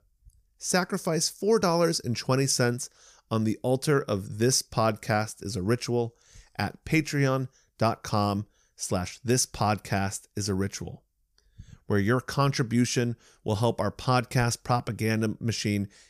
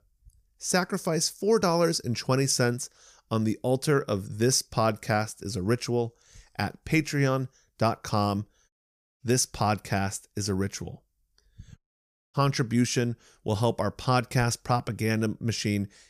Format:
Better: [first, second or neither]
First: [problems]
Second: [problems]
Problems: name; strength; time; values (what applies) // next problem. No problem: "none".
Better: first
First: none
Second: audio cutting out; at 8.5 s and at 12 s for 0.5 s